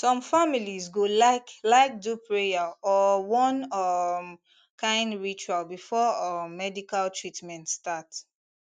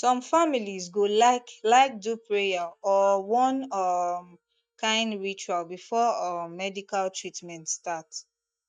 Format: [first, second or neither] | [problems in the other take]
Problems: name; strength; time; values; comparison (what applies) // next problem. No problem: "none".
first | noise reduction (neural mask model DeepFilterNet 3)